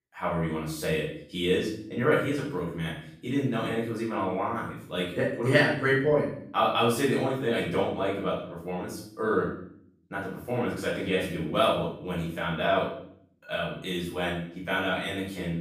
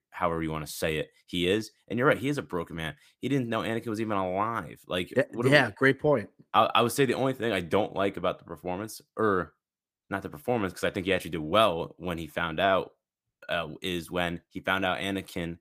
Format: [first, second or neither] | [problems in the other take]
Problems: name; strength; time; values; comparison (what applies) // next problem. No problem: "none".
second | off-mic speech; far // room echo; noticeable; dies away in 0.6 s